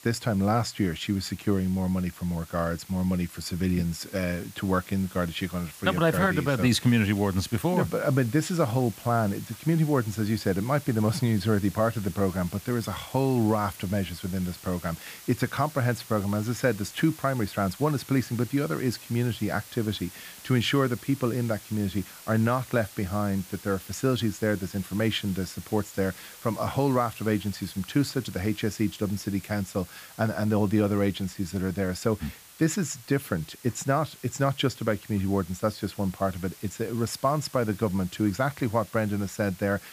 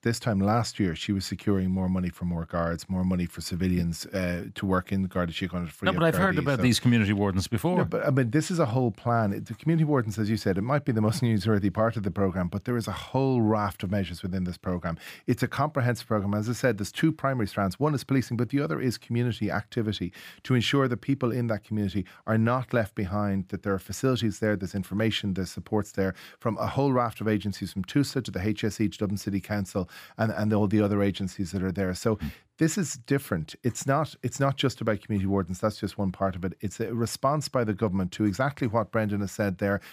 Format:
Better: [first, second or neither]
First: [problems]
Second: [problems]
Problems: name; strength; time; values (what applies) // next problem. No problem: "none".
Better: second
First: hiss; noticeable; throughout; 15 dB below the speech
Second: none